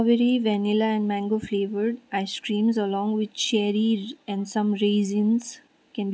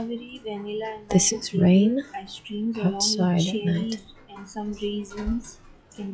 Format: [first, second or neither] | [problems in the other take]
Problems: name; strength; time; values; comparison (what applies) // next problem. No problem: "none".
first | noise reduction (classical method log-MMSE)